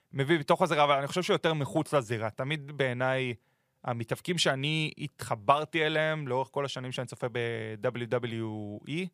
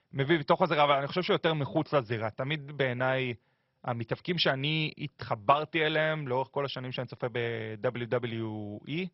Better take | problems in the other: first | garbled, watery; badly; nothing above 5.5 kHz

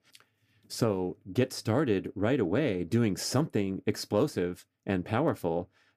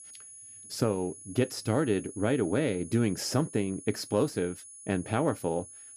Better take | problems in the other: first | high-pitched whine; noticeable; throughout; 10 kHz, 15 dB below the speech

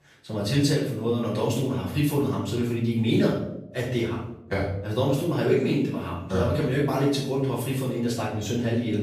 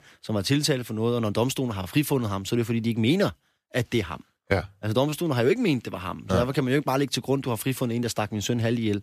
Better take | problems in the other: second | off-mic speech; far // room echo; noticeable; dies away in 0.7 s

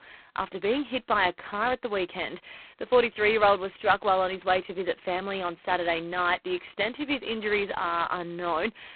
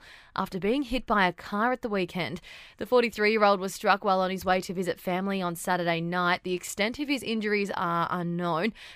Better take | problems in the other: second | phone-call audio; poor line; nothing above 4 kHz

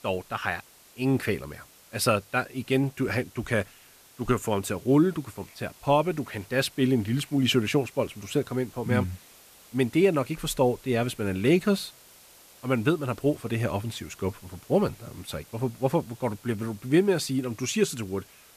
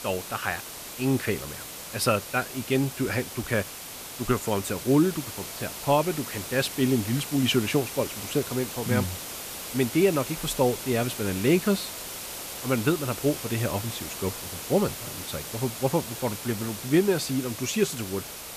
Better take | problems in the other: first | hiss; loud; throughout; 8 dB below the speech; faint in the first

